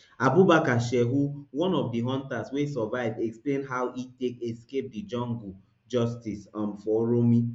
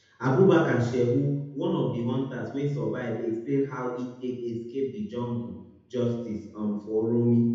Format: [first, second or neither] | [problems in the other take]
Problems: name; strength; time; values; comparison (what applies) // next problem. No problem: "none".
first | room echo; dies away in 0.8 s